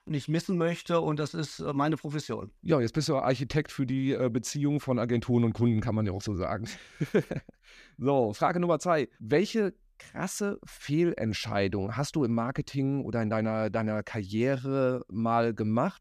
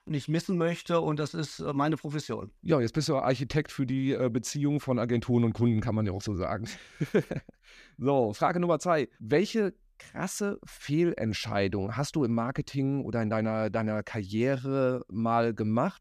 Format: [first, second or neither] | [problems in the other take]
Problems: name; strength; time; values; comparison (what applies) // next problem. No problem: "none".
neither | none